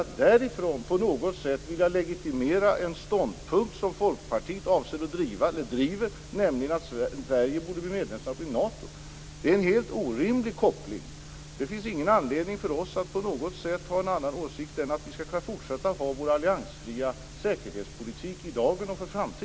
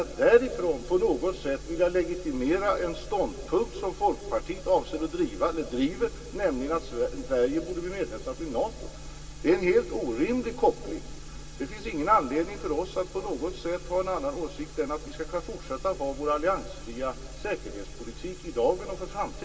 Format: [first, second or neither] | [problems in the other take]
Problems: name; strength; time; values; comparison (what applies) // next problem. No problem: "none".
first | room echo; dies away in 2.8 s